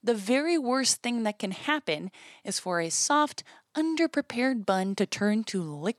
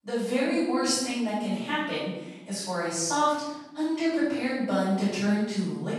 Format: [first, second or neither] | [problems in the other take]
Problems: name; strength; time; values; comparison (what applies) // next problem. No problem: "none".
first | room echo; strong; dies away in 0.9 s // off-mic speech; far